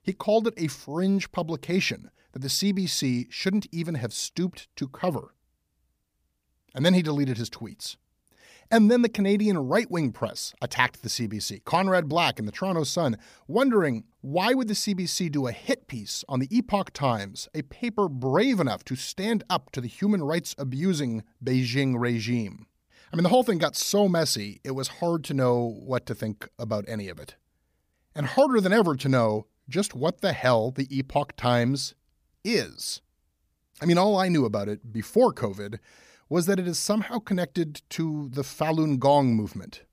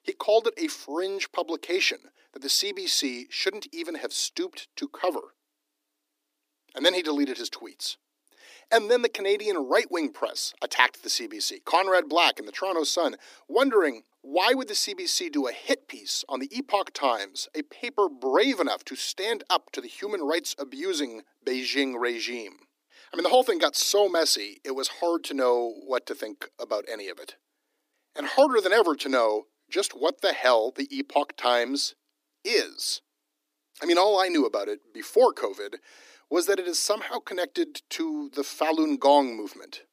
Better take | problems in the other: first | thin; somewhat; fading below 300 Hz

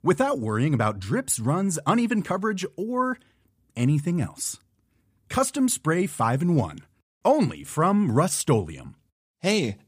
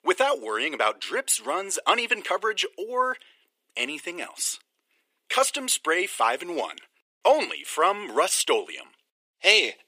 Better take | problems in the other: first | thin; very; fading below 400 Hz

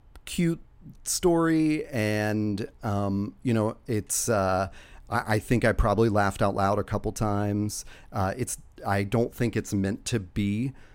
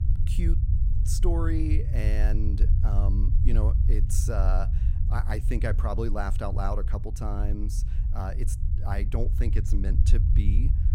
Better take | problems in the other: first | low rumble; loud; throughout; 8 dB below the speech

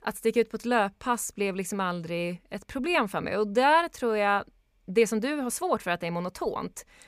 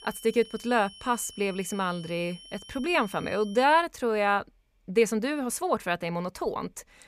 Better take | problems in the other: first | high-pitched whine; noticeable; until 3.5 s; 3 kHz, 20 dB below the speech

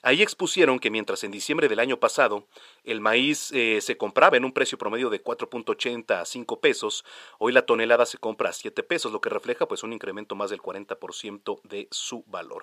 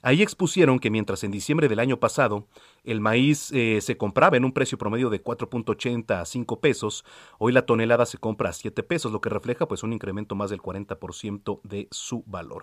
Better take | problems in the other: second | thin; somewhat; fading below 400 Hz

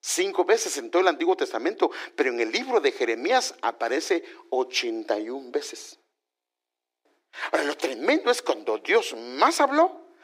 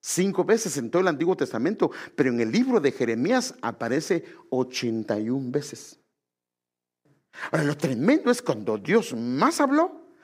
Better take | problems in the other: second | thin; very; fading below 350 Hz

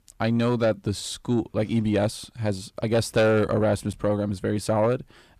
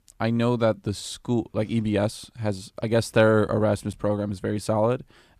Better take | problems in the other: second | distortion; slight; 10 dB below the speech

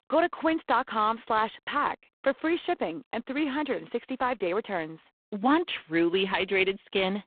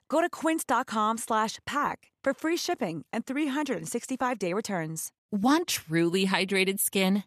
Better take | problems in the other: second | phone-call audio; poor line; nothing above 3.5 kHz

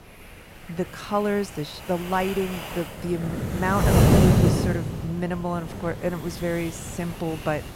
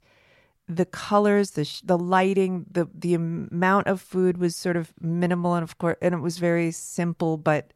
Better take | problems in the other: second | wind noise on the microphone; heavy; 1 dB below the speech

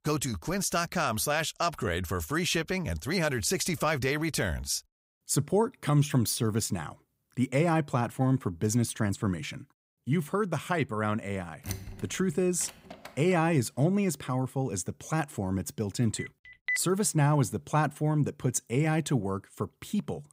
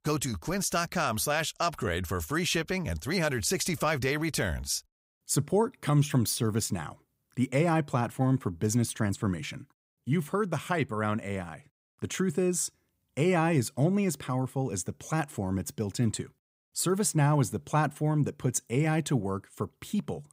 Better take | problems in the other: second | door banging; noticeable; from 12 to 13 s; peak 10 dB below the speech // phone ringing; noticeable; at 16 s; peak 3 dB below the speech

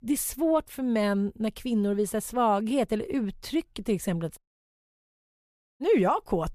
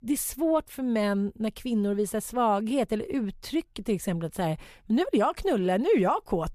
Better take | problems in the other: second | audio cutting out; at 4.5 s for 1.5 s

